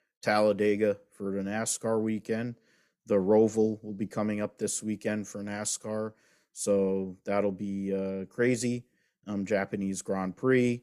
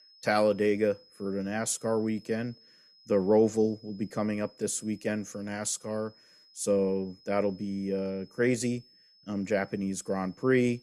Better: first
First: none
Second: high-pitched whine; faint; throughout; 5 kHz, 25 dB below the speech

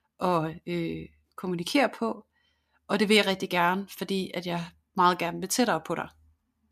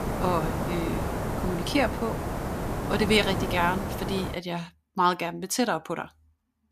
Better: first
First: none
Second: hiss; loud; until 4.5 s; 3 dB below the speech

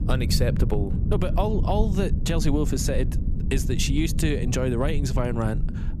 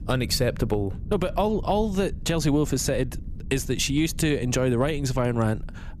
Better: second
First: low rumble; loud; throughout; 10 dB below the speech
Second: low rumble; faint; throughout; 25 dB below the speech

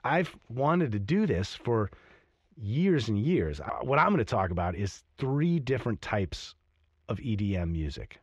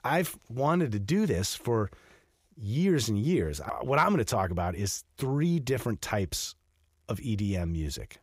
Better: second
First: muffled; slightly; fading above 3 kHz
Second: none

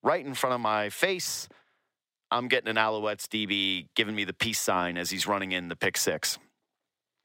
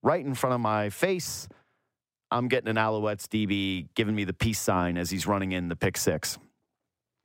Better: second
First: thin; very slightly; fading below 500 Hz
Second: none

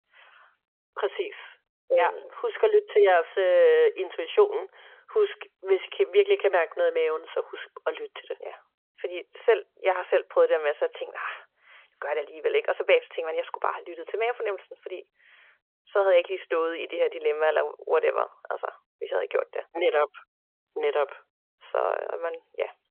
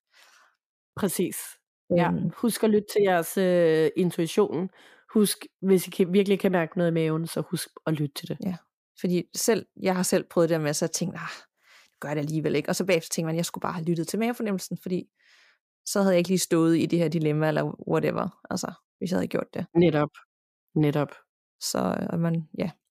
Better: second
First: phone-call audio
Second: none

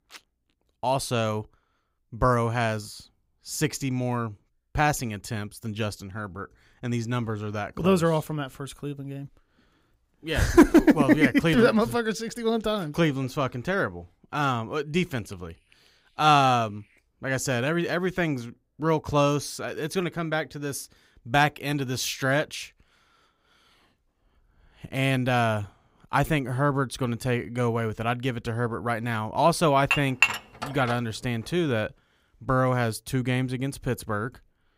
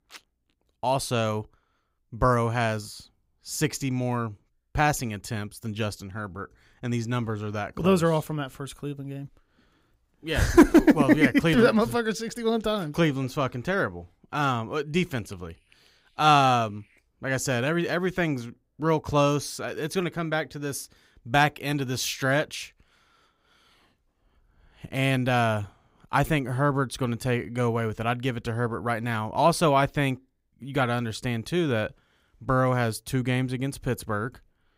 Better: second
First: clattering dishes; loud; from 30 to 31 s; peak 4 dB above the speech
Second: none

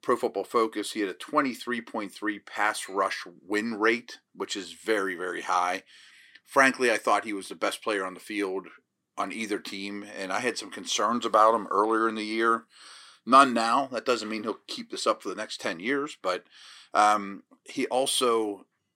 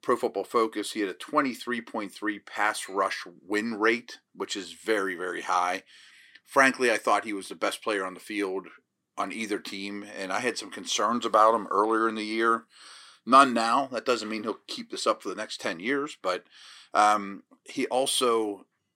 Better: neither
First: thin; somewhat; fading below 450 Hz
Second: thin; somewhat; fading below 450 Hz

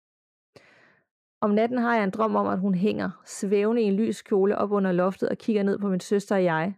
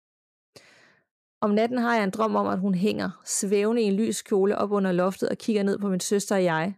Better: second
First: muffled; slightly; fading above 4 kHz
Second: none

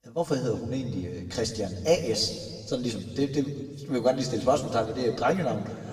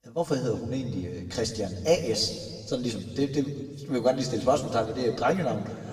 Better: neither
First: room echo; slight; dies away in 1.8 s // off-mic speech; far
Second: room echo; slight; dies away in 1.8 s // off-mic speech; far

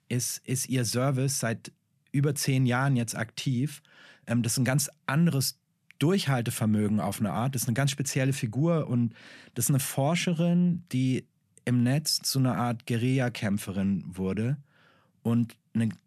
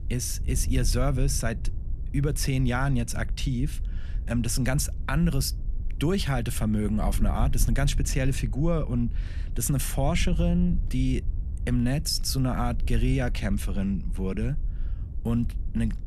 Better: first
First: none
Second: wind noise on the microphone; occasional gusts; 20 dB below the speech

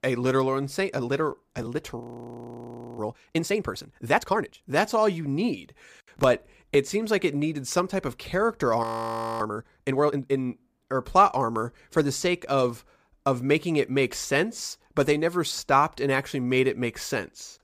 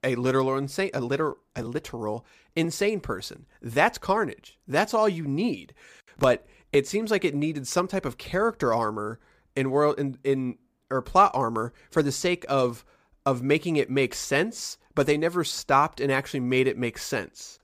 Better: second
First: audio freezing; at 2 s for 1 s and at 9 s for 0.5 s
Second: none

